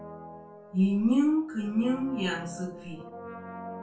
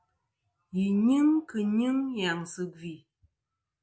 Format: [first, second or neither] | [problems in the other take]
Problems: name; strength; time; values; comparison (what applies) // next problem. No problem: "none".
second | background sound (Brass instrument); 14 dB below the speech // room echo; dies away in 0.3 s